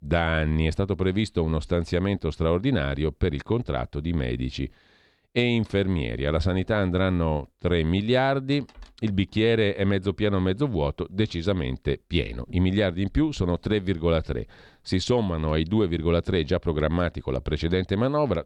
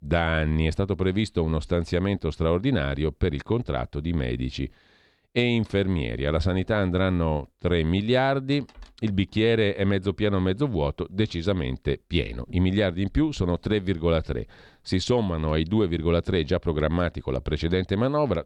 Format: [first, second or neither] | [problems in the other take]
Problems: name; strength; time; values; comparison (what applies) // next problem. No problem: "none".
neither | none